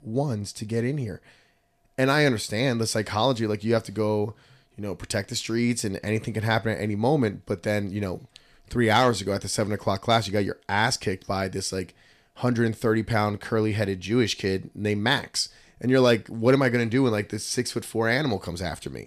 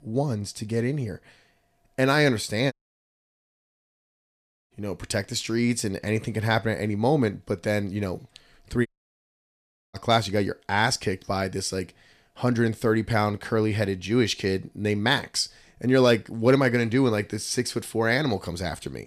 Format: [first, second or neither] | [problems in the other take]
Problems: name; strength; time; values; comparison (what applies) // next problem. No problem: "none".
first | audio cutting out; at 2.5 s for 2 s and at 9 s for 1 s